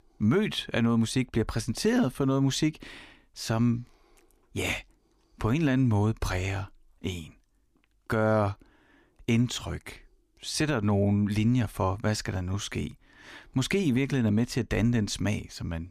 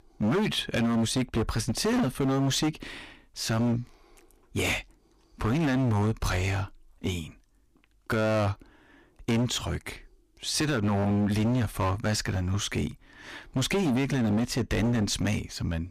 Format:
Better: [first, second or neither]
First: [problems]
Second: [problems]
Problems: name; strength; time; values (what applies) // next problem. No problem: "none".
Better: first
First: none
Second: distortion; heavy; 17% of the sound clipped